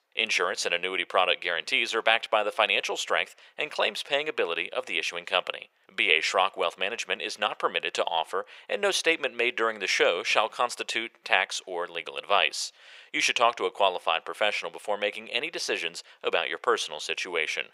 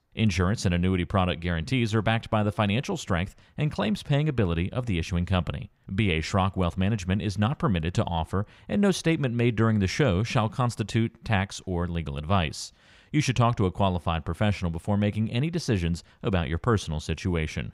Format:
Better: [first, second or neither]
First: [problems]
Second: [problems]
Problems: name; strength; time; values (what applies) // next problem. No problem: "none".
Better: second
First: thin; very; fading below 450 Hz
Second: none